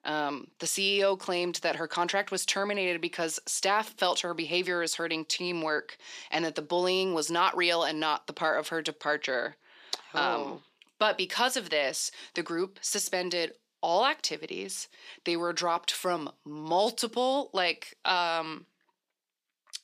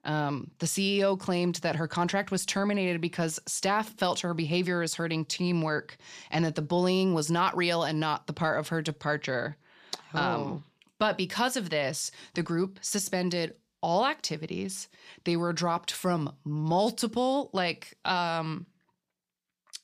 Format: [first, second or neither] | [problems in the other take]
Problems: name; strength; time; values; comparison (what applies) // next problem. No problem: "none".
second | thin; somewhat; fading below 300 Hz